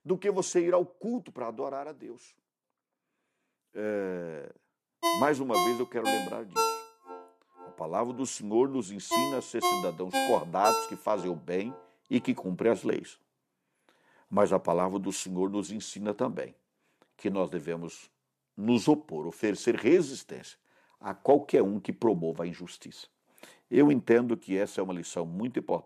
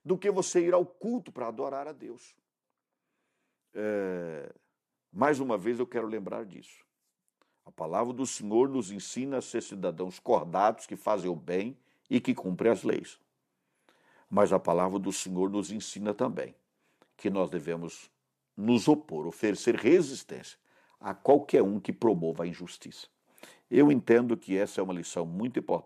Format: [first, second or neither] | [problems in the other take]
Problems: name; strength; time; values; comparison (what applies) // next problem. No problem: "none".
second | phone ringing; loud; from 5 to 11 s; peak 1 dB above the speech